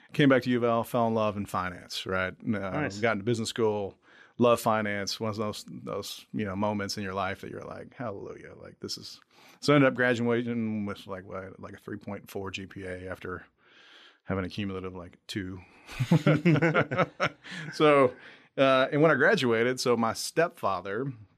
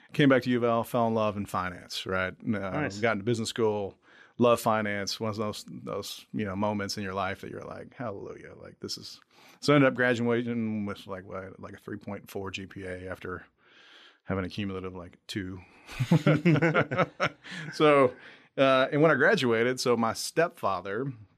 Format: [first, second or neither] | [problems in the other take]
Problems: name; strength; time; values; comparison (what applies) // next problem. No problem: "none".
neither | none